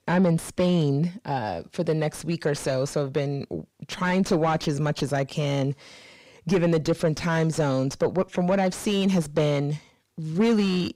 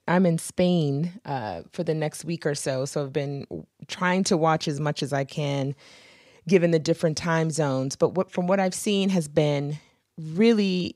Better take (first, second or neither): second